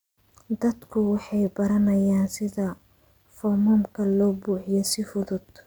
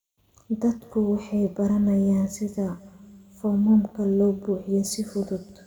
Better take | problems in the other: first | room echo; dies away in 1.4 s

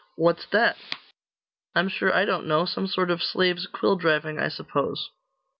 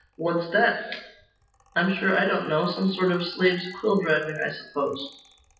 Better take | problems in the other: first | noise reduction (classical method WPE with log-MMSE)

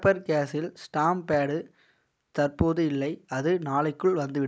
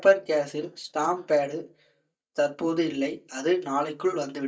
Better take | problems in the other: first | noise reduction (neural mask model DeepFilterNet 3)

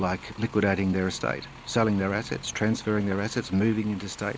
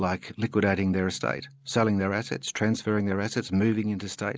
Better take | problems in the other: second | background sound (Bus); 18 dB below the speech

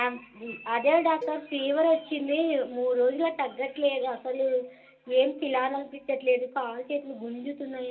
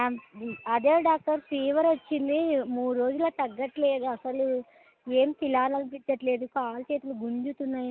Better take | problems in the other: second | background sound (Cowbell); 17 dB below the speech // room echo; dies away in 0.2 s

